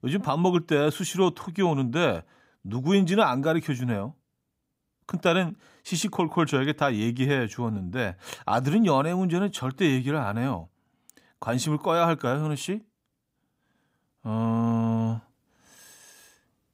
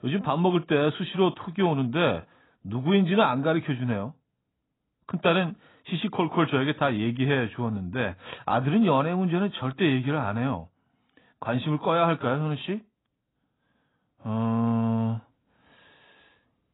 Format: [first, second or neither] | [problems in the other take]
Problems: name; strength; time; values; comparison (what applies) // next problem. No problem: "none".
first | garbled, watery; badly; nothing above 4 kHz